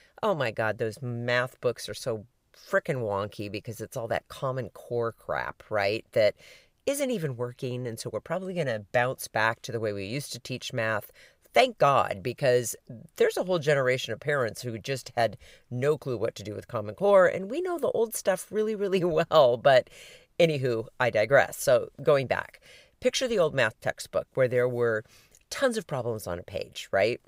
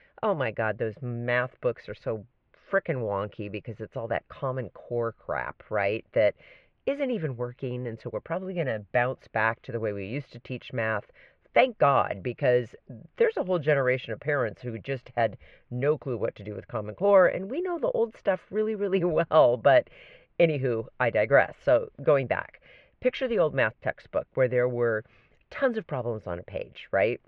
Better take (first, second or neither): first